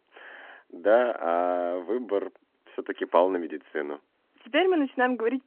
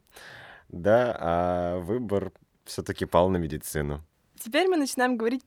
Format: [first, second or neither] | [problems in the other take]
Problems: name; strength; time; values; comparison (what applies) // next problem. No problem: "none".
second | phone-call audio